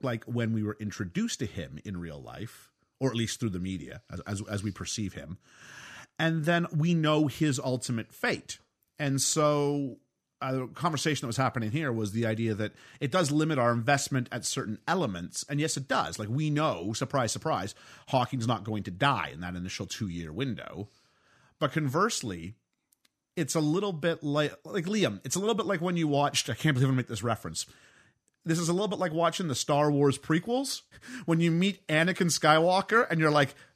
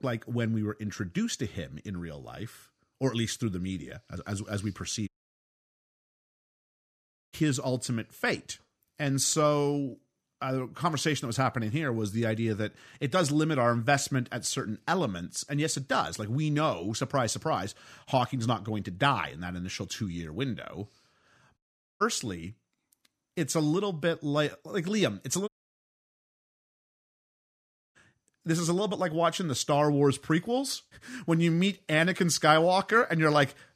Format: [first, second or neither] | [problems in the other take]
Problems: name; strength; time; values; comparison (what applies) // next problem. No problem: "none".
first | audio cutting out; at 5 s for 2 s, at 22 s and at 25 s for 2.5 s